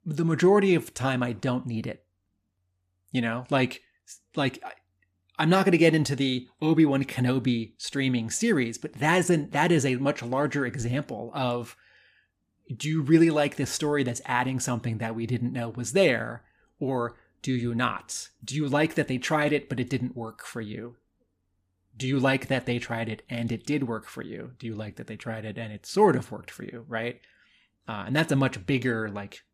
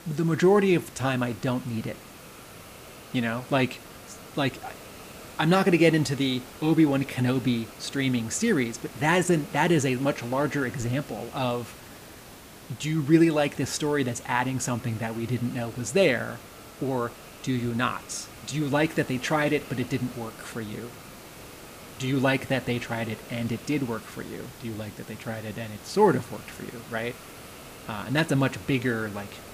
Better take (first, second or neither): first